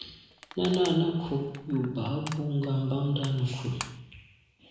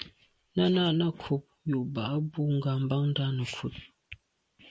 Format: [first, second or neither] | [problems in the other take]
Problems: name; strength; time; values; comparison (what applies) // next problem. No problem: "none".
second | background sound (Crushing); 17 dB below the speech // room echo; dies away in 1 s